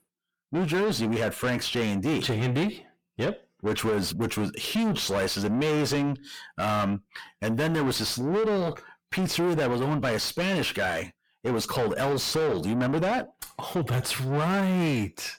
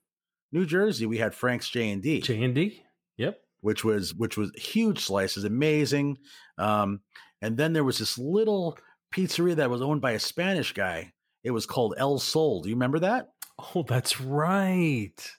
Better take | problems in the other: second | distortion; heavy; 6 dB below the speech

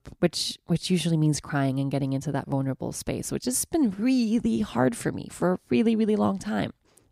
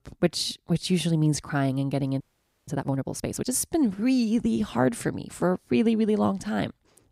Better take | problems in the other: first | audio freezing; at 2 s

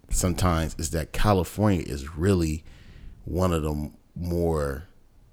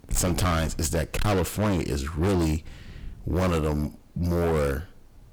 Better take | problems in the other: first | distortion; heavy; 21% of the sound clipped

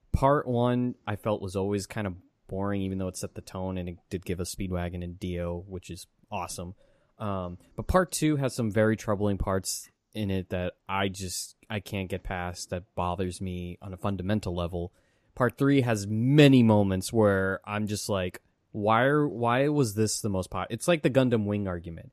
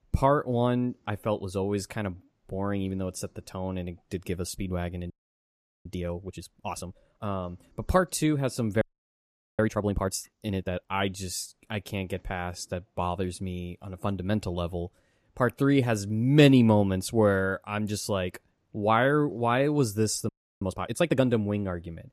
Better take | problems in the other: first | audio freezing; at 5 s for 1 s, at 9 s for 1 s and at 20 s

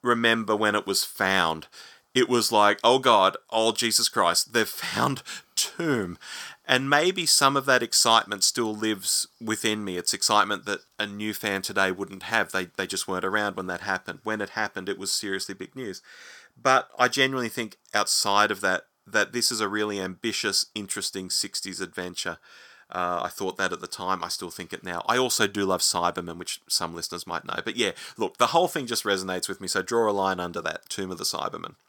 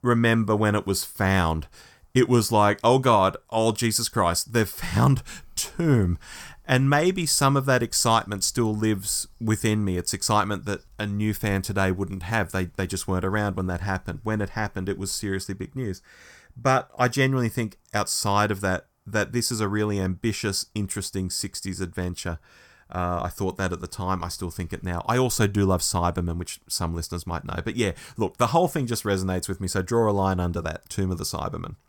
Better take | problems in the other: second | thin; somewhat; fading below 300 Hz

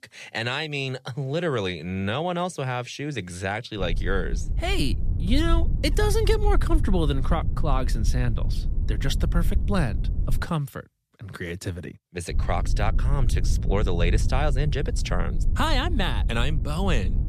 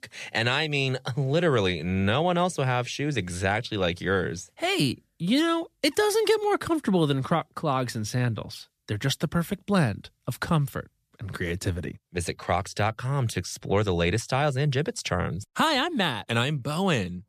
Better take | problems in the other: second | low rumble; noticeable; from 4 to 10 s and from 12 s on; 15 dB below the speech

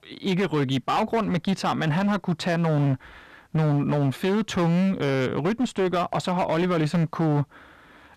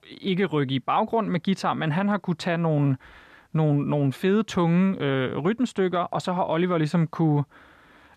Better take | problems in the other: second | distortion; slight; 20% of the sound clipped

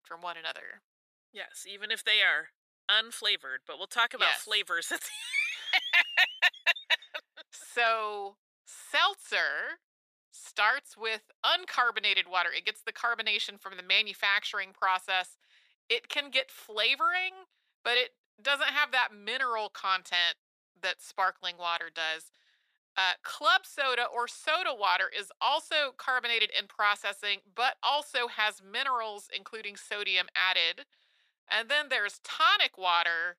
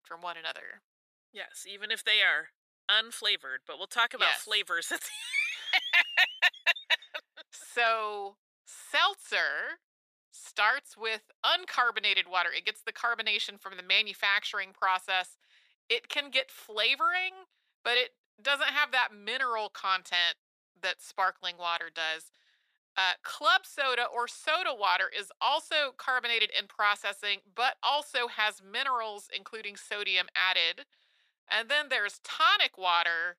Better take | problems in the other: neither | thin; very; fading below 750 Hz; the same in both

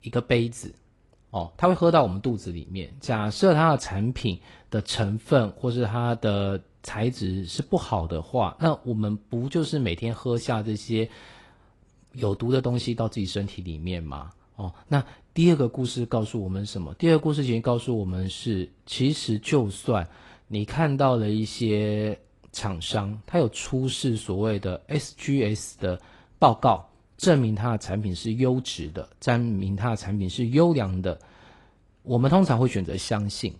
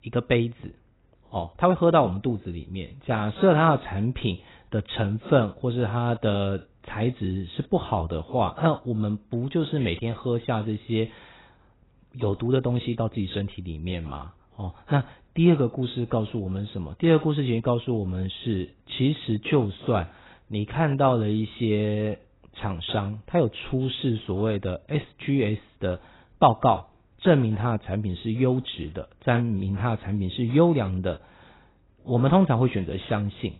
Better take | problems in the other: first | garbled, watery; badly; nothing above 4 kHz; slightly in the first

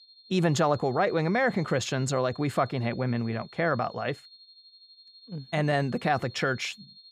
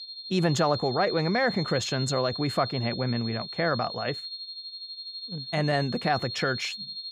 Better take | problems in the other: first | high-pitched whine; loud; throughout; 4.5 kHz, 7 dB below the speech; faint in the first

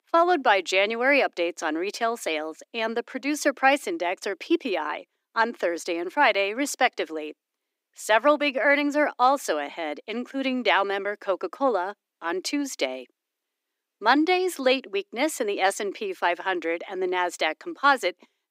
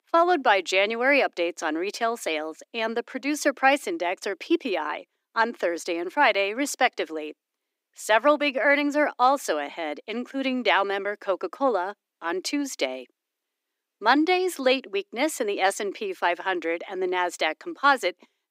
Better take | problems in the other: neither | thin; very slightly; fading below 300 Hz; the same in both

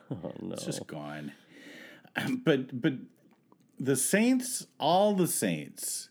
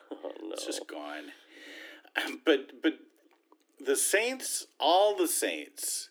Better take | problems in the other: first | thin; very; fading below 300 Hz

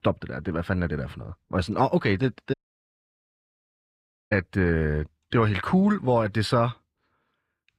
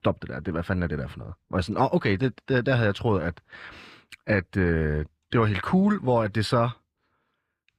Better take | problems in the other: second | audio cutting out; at 2.5 s for 2 s

